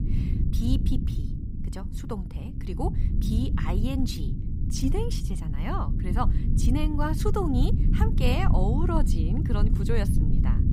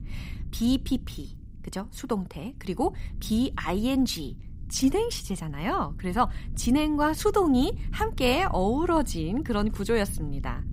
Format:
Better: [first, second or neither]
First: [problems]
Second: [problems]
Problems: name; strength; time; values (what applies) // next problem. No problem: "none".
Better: second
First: low rumble; loud; throughout; 6 dB below the speech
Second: low rumble; faint; throughout; 25 dB below the speech